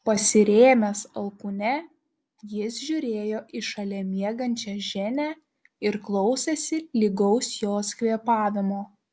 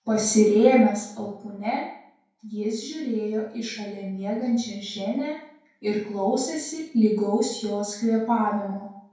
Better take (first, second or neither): first